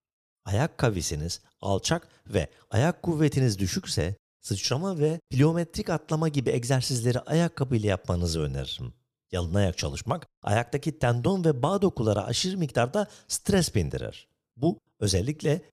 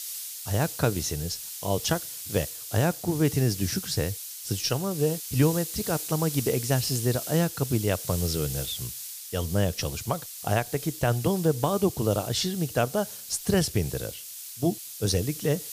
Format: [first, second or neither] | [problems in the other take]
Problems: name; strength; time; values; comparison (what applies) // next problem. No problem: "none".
first | hiss; loud; throughout; 7 dB below the speech